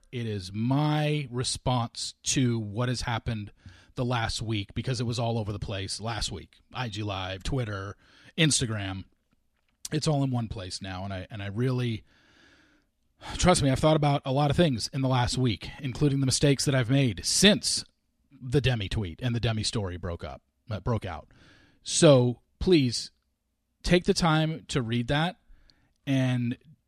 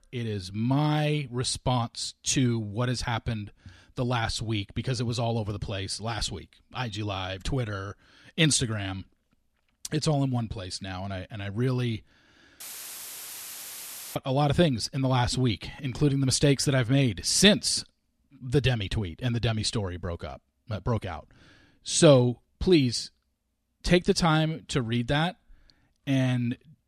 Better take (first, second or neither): first